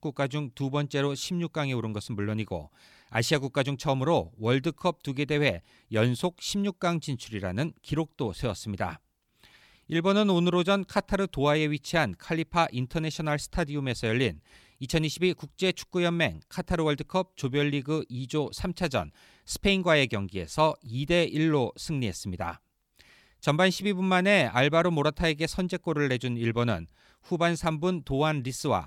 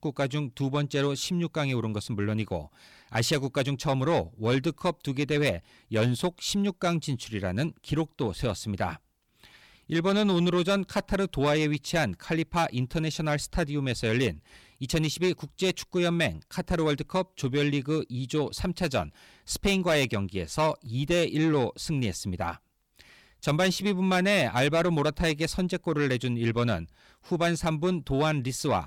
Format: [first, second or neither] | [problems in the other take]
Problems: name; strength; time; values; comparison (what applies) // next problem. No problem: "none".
first | distortion; slight; 10 dB below the speech